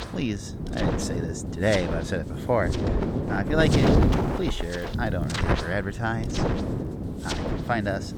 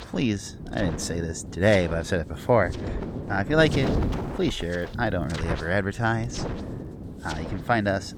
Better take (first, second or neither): second